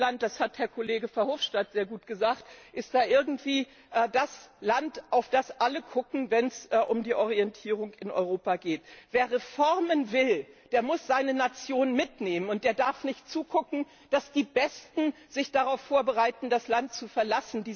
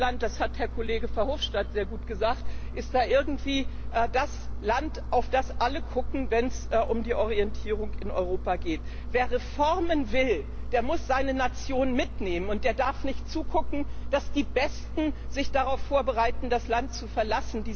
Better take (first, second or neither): first